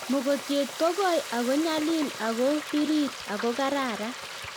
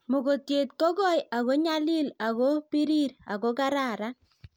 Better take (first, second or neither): second